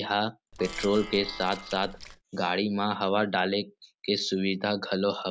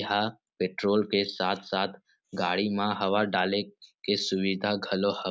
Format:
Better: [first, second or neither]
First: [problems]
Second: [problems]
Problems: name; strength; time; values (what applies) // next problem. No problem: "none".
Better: second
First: background sound (Keys jangling + Plucked string instrument); 13 dB below the speech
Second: none